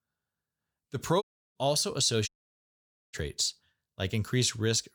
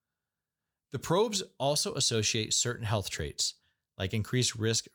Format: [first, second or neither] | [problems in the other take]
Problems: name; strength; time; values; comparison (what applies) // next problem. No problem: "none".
second | audio cutting out; at 1 s and at 2.5 s for 1 s